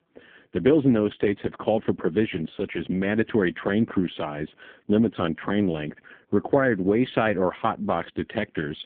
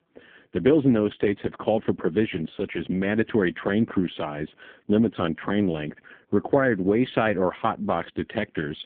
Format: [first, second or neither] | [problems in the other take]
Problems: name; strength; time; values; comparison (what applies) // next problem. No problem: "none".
neither | phone-call audio; poor line; the same in both